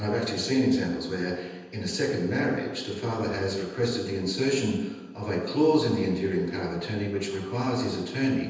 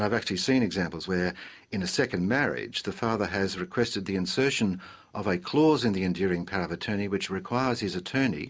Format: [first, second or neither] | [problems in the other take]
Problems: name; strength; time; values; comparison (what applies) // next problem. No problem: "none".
second | room echo; dies away in 1.1 s